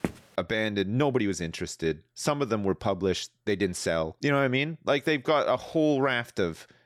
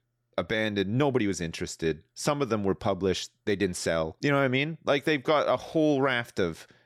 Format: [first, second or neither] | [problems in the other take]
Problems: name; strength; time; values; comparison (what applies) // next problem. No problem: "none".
second | footsteps; noticeable; at the start; peak 8 dB below the speech